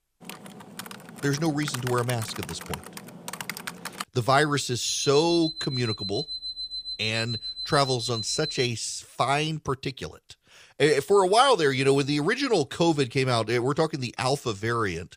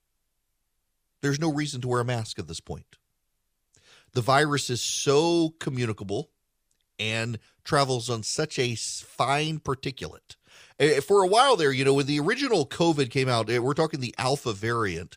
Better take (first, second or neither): second